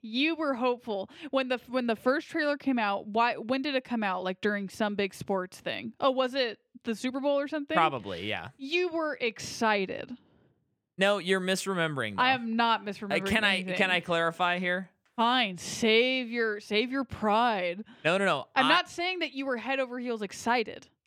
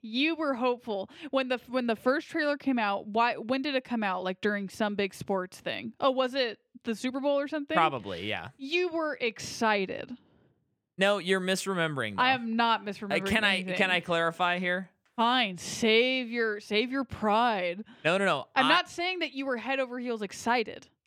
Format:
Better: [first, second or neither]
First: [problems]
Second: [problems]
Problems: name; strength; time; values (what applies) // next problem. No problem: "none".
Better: neither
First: none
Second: none